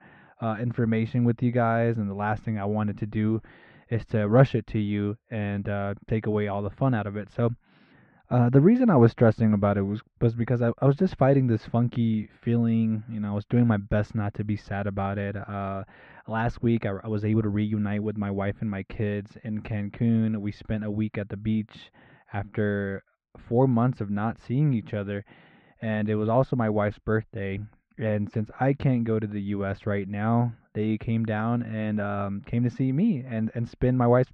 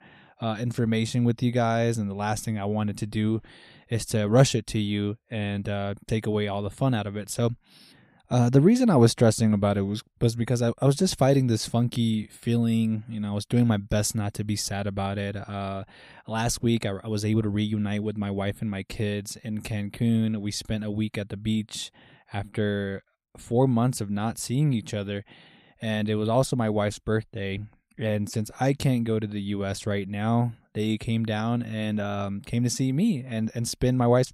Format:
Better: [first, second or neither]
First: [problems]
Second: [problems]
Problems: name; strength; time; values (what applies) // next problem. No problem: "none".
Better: second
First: muffled; very; fading above 2 kHz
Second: none